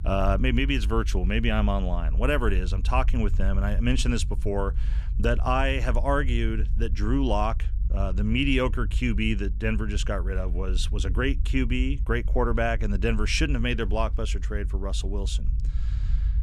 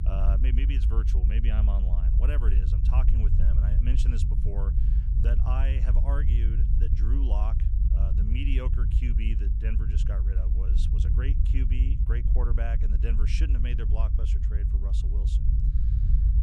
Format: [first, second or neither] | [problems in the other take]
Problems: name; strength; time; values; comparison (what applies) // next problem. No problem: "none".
first | low rumble; loud; throughout; 3 dB below the speech; faint in the first